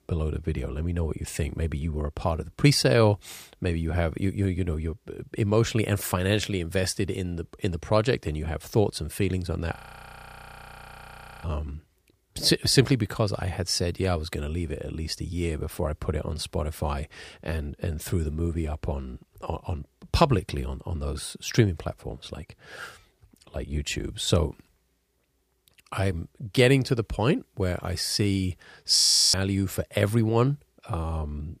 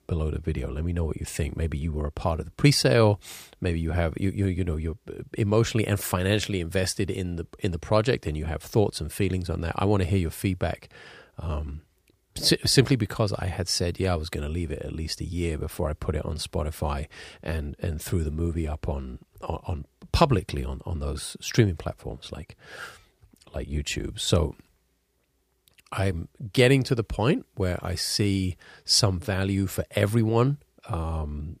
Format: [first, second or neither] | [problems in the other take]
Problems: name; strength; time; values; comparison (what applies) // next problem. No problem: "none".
second | audio freezing; at 10 s for 1.5 s and at 29 s